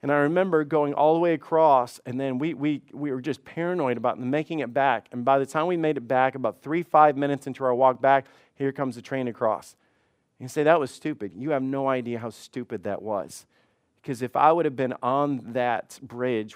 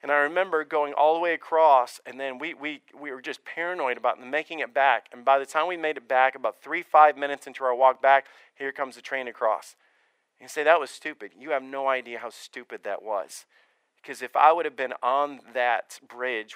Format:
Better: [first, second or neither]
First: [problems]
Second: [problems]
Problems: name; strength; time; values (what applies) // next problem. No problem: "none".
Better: first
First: none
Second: thin; very; fading below 650 Hz